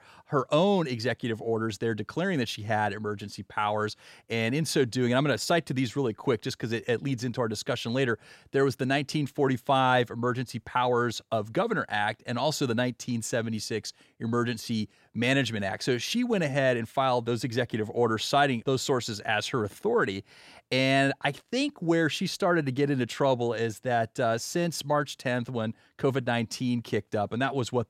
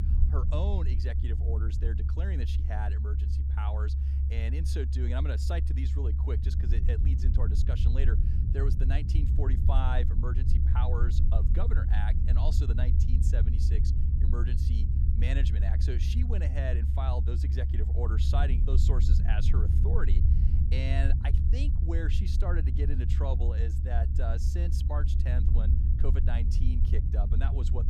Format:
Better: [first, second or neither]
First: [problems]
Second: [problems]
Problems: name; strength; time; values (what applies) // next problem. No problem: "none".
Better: first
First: none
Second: low rumble; loud; throughout; 4 dB below the speech